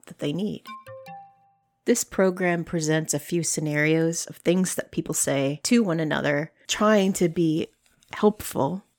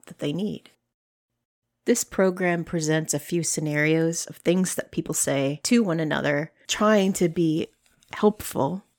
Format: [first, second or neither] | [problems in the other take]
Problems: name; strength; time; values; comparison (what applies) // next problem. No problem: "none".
second | alarm; faint; at 0.5 s; peak 15 dB below the speech